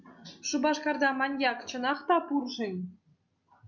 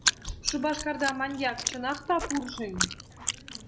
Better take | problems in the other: first | background sound (Chewing, mastication); 2 dB below the speech

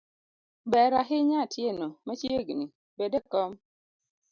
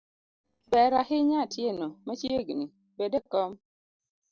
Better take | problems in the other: first | noise reduction (neural separator model SepFormer DNS4)

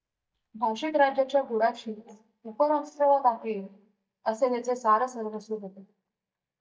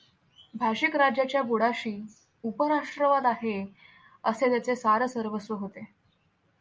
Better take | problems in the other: second | noise reduction (neural mask model DeepFilterNet 3)

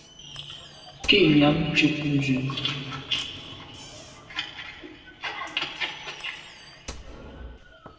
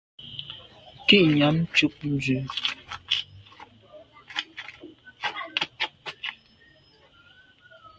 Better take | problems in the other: second | background sound (Knock / Slam); 17 dB below the speech // room echo; dies away in 2.3 s

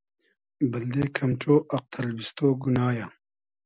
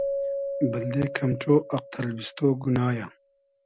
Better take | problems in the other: first | background sound (Keyboard (musical)); 8 dB below the speech

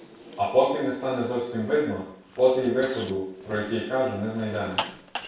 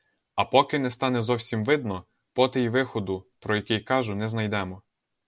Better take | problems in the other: second | background sound (Zipper (clothing)); 15 dB below the speech // room echo; dies away in 0.7 s

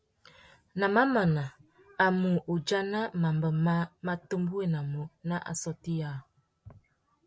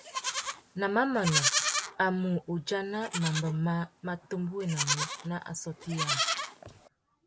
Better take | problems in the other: first | background sound (Livestock, farm animals, working animals); 2 dB below the speech

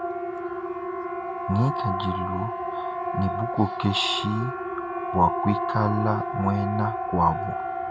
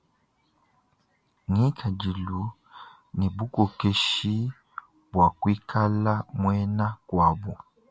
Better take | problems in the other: second | background sound (Siren); 2 dB below the speech

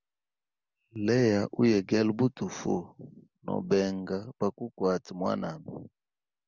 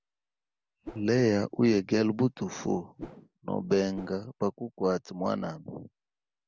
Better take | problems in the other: first | background sound (Whoosh, swoosh, swish); 16 dB below the speech

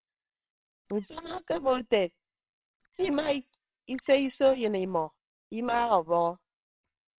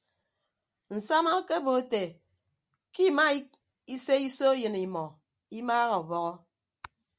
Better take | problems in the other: second | noise reduction (neural separator model SepFormer WHAMR!)

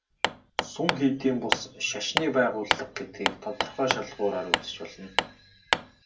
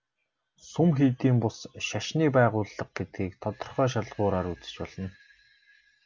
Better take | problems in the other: second | background sound (Hammer); 1 dB below the speech // room echo; dies away in 0.2 s

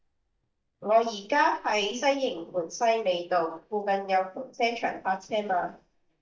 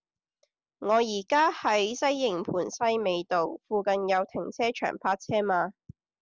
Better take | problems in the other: second | noise reduction (neural mask model DeepFilterNet 3)

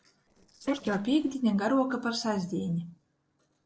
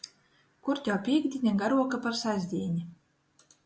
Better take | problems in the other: second | noise reduction (neural separator model SepFormer DNS4)

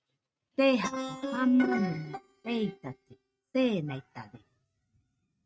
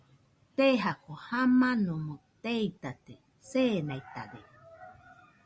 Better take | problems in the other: second | noise reduction (neural mask model RNNoise)

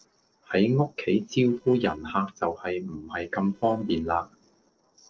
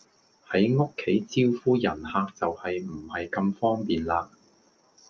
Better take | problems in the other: second | noise reduction (neural separator model SepFormer DNS4)

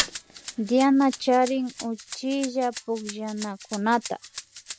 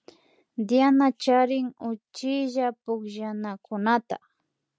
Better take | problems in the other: second | background sound (Fire + Rattle (instrument)); 12 dB below the speech

